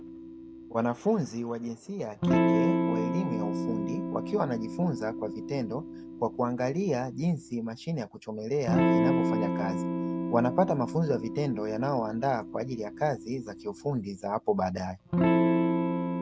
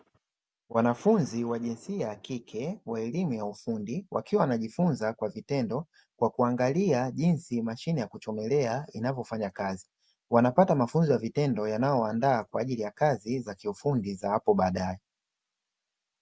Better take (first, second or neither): second